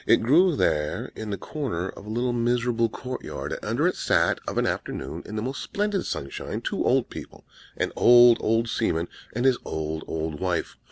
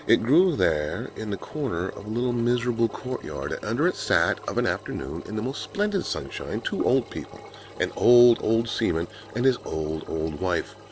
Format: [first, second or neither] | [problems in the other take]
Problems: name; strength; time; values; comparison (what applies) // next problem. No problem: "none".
first | background sound (Engine); 19 dB below the speech